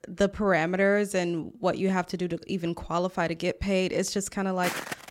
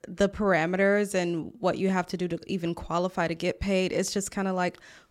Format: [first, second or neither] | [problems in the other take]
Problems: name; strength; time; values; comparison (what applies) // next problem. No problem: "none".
second | footsteps; noticeable; at 4.5 s; peak 5 dB below the speech